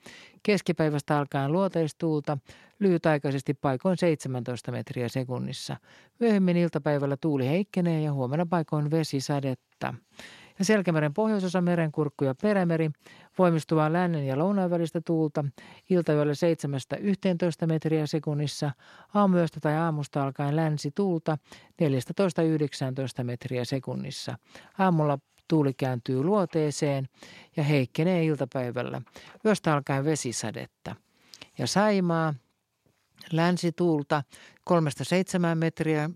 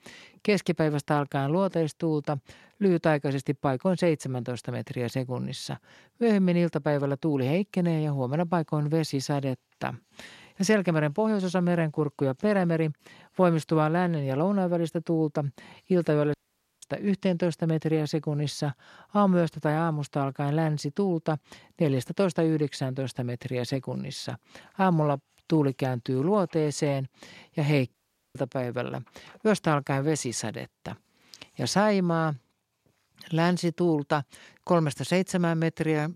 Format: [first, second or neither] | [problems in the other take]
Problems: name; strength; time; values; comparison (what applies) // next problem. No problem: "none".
first | audio cutting out; at 16 s and at 28 s